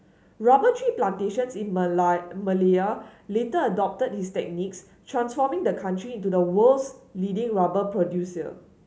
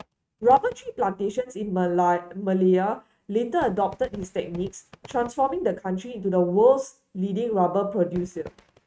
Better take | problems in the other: first | noise reduction (neural mask model RNNoise)

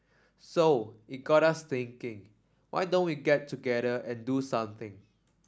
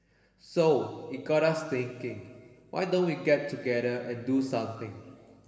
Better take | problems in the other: first | room echo; dies away in 2.7 s

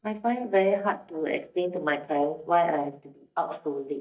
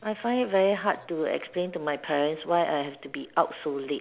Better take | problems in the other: second | noise reduction (neural mask model DeepFilterNet 3)

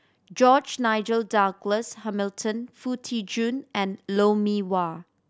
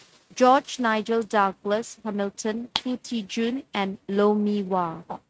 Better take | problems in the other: first | noise reduction (neural mask model RNNoise)

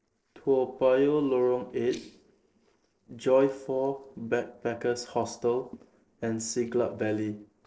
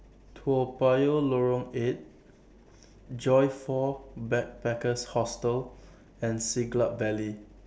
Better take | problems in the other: second | noise reduction (neural separator model SepFormer DNS4)

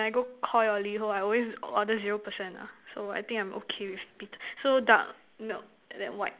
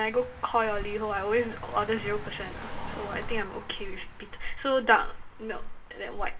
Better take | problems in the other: first | background sound (Car passing by); 6 dB below the speech // room echo; dies away in 0.2 s

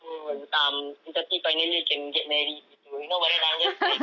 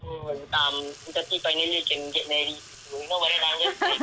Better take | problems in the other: first | background sound (Sink (filling or washing) / Water tap, faucet); 18 dB below the speech

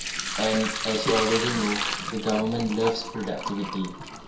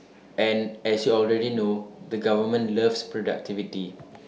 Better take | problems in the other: second | background sound (Sink (filling or washing) / Liquid); 4 dB below the speech // room echo; dies away in 0.2 s

